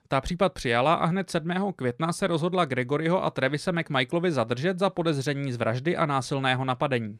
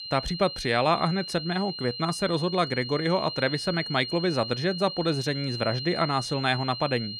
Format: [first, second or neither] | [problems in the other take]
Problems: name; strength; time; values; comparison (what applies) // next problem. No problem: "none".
first | high-pitched whine; loud; throughout; 4 kHz, 7 dB below the speech